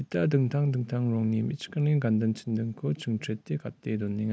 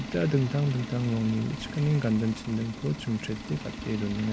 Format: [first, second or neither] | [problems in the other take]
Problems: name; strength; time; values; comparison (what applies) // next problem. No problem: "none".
first | background sound (Engine); 11 dB below the speech